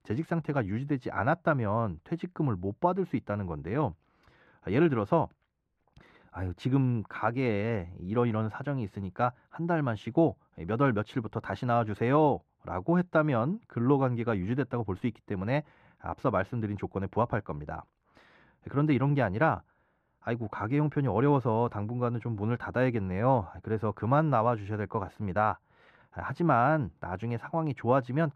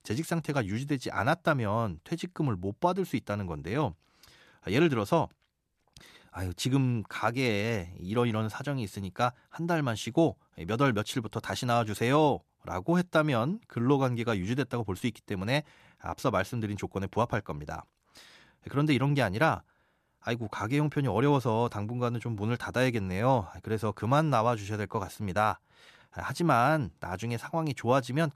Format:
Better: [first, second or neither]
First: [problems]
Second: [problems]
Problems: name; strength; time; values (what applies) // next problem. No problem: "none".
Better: second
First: muffled; very; fading above 3.5 kHz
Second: none